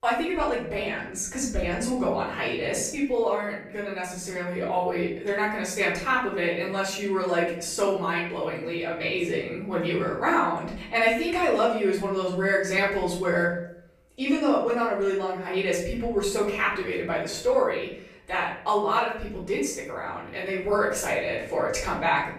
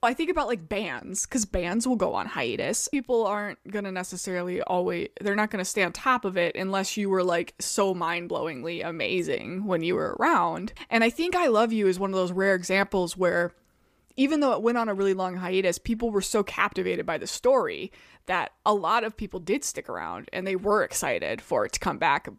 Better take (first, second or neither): second